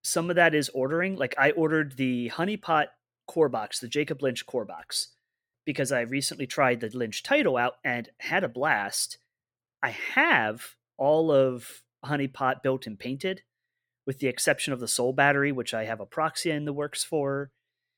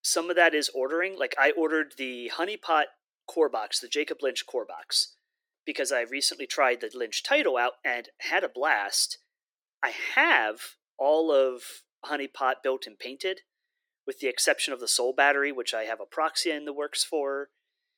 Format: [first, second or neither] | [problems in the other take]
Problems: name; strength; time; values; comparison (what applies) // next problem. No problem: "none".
first | thin; somewhat; fading below 350 Hz